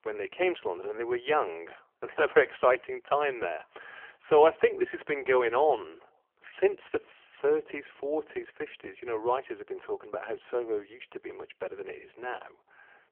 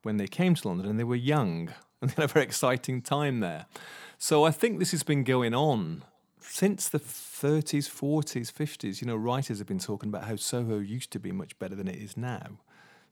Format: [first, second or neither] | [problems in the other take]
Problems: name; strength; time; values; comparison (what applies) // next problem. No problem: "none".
second | phone-call audio; poor line; nothing above 3 kHz